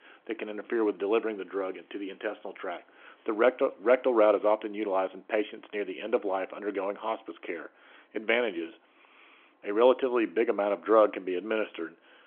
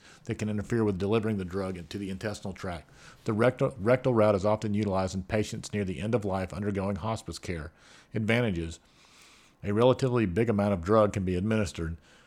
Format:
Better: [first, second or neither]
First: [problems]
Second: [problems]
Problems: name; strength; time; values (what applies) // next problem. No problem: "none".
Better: second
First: phone-call audio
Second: none